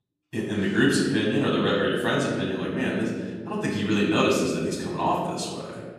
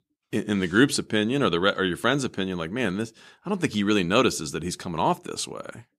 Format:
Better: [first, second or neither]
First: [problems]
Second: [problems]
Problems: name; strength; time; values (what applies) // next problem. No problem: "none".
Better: second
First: off-mic speech; far // room echo; noticeable; dies away in 1.5 s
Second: none